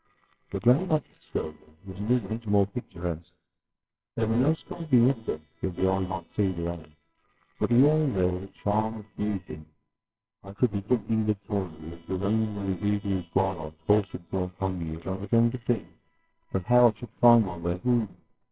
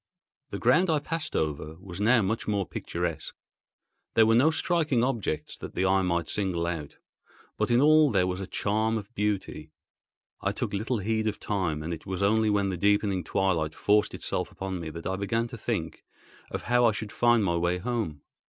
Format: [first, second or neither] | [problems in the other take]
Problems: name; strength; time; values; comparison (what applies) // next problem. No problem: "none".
second | noise reduction (neural separator model SepFormer WHAMR!)